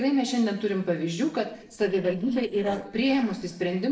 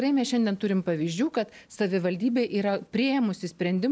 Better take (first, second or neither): second